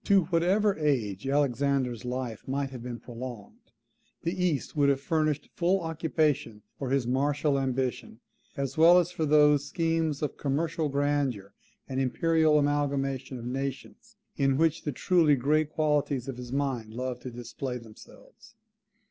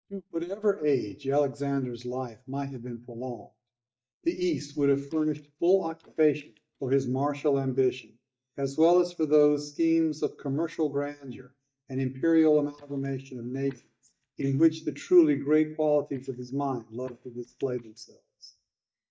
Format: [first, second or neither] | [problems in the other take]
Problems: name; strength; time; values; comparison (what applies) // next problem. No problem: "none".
first | noise reduction (neural mask model DeepFilterNet 3)